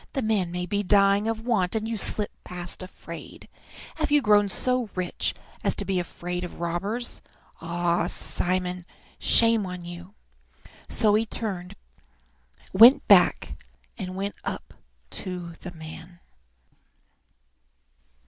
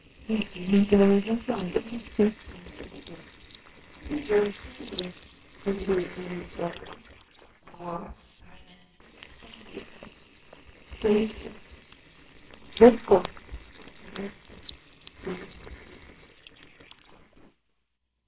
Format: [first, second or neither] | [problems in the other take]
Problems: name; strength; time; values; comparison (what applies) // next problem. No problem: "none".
first | noise reduction (neural separator model SepFormer WHAMR!)